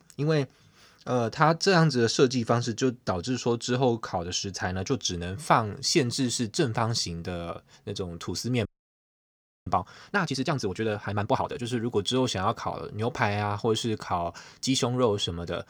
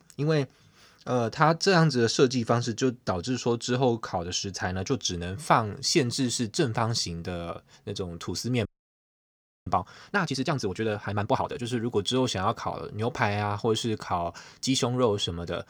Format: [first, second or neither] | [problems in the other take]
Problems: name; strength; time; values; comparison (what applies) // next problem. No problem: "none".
neither | audio freezing; at 8.5 s for 1 s; the same in both